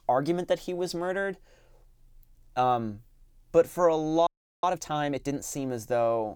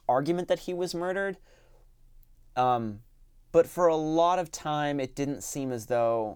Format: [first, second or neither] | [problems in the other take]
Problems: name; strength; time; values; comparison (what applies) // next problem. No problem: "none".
second | audio freezing; at 4.5 s